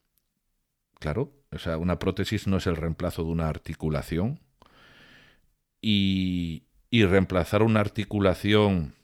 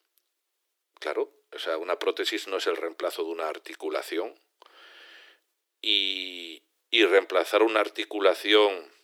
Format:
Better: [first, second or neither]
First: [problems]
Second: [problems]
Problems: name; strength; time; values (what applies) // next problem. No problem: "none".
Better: first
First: none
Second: thin; very; fading below 350 Hz